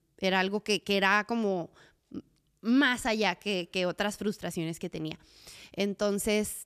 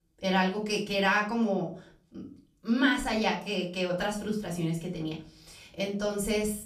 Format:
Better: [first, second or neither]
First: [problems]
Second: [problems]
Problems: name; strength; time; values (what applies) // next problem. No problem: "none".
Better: first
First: none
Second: room echo; slight; dies away in 0.4 s // off-mic speech; far